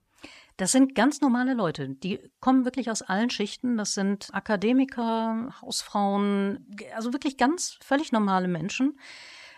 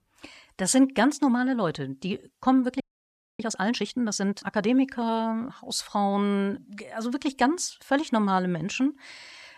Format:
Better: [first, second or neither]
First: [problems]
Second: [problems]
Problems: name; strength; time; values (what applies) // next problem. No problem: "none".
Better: first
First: none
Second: audio freezing; at 3 s for 0.5 s